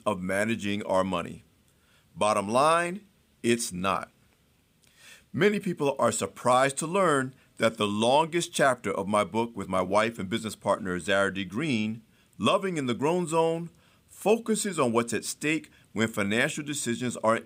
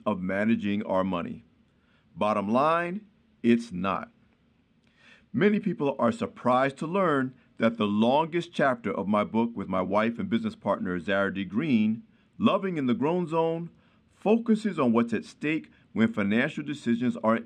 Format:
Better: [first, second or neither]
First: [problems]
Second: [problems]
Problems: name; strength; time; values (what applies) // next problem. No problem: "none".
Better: first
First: none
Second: muffled; slightly; fading above 3 kHz